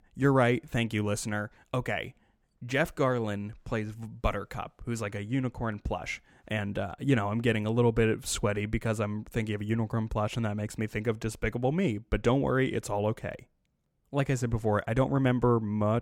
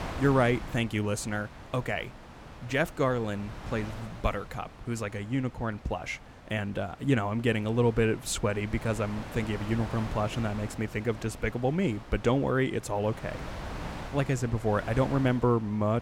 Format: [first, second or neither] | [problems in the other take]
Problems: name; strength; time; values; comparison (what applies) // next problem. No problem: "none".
first | wind noise on the microphone; occasional gusts; 15 dB below the speech